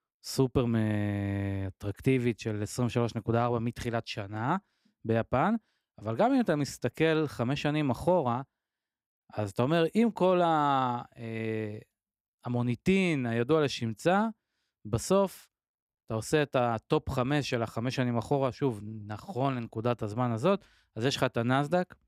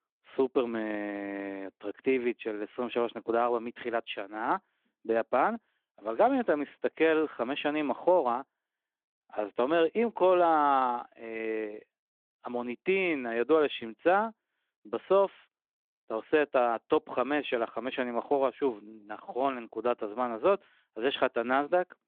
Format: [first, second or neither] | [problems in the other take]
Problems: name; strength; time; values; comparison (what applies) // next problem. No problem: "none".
first | phone-call audio; nothing above 3.5 kHz